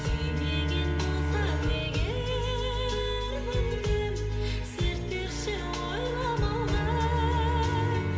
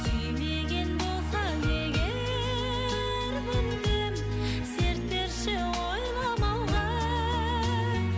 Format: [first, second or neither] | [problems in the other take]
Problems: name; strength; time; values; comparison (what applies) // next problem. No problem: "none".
second | background sound (Bowed string instrument); 8 dB below the speech // room echo; dies away in 3 s